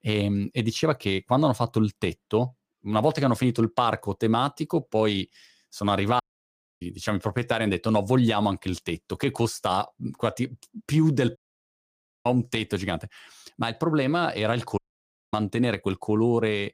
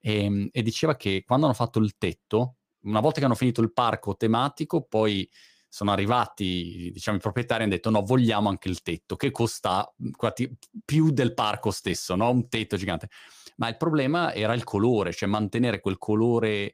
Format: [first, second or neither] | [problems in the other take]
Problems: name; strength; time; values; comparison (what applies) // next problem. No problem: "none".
second | audio cutting out; at 6 s for 0.5 s, at 11 s for 1 s and at 15 s for 0.5 s